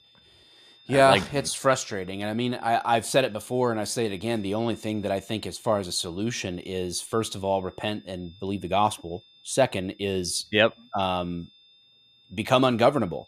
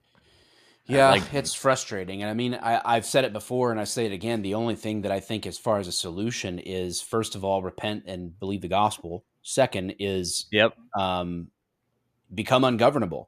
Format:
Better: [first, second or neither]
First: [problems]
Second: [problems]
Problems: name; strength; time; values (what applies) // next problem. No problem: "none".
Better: second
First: high-pitched whine; faint; throughout; 3.5 kHz, 30 dB below the speech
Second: none